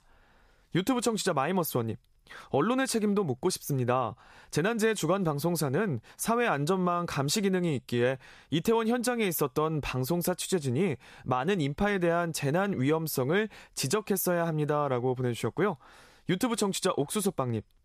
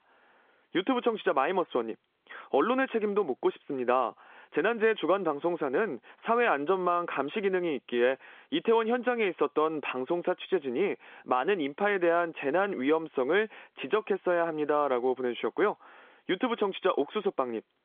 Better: first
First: none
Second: phone-call audio; nothing above 3.5 kHz

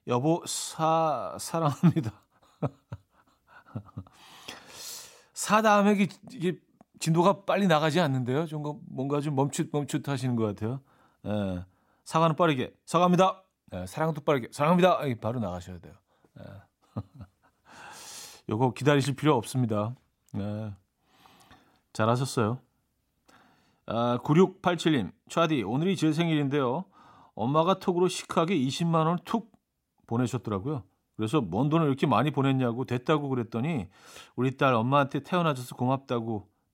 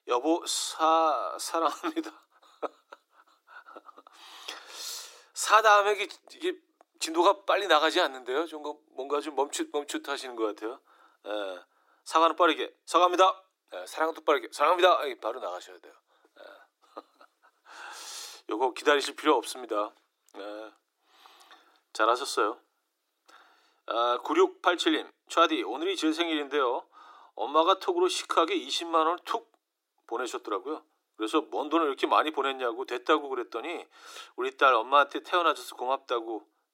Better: first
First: none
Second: thin; very; fading below 300 Hz

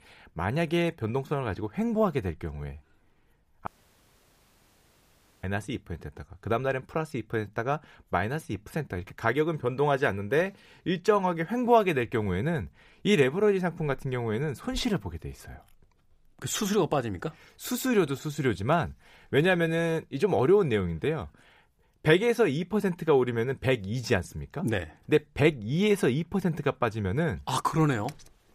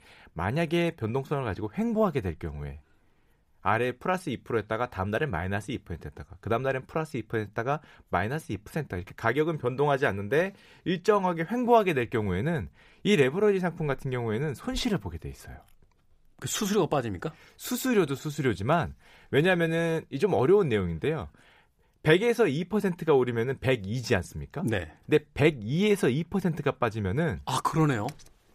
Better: second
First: audio cutting out; at 3.5 s for 2 s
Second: none

